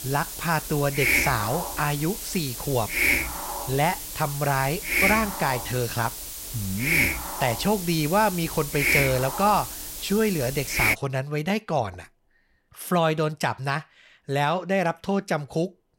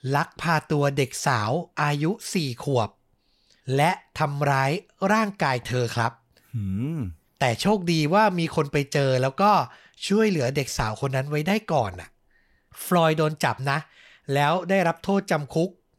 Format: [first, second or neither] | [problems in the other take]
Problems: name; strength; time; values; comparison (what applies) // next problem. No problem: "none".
second | hiss; loud; until 11 s; as loud as the speech